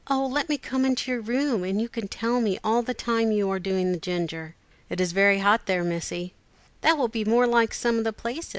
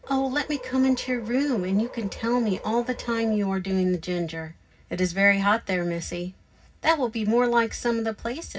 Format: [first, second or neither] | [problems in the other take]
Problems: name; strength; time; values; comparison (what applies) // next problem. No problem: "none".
first | background sound (Subway, metro, underground); 16 dB below the speech // room echo; dies away in 0.4 s